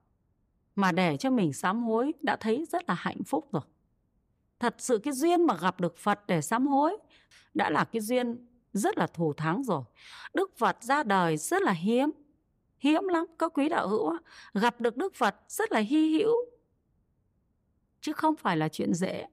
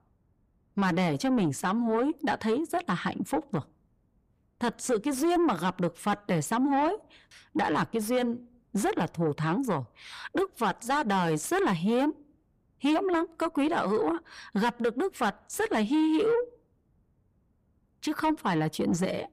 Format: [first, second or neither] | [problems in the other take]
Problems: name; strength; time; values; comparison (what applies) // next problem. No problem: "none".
first | distortion; slight; 10 dB below the speech